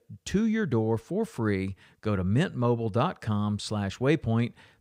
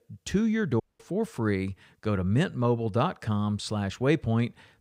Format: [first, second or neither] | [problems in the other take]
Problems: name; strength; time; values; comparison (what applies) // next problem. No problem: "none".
first | audio cutting out; at 1 s